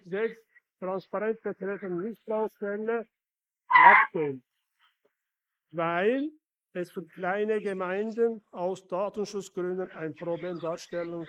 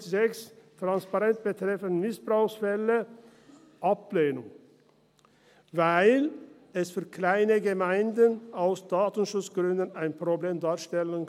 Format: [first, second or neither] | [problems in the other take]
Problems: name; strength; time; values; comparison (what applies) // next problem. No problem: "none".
second | noise reduction (neural mask model Resemble Enhance denoiser)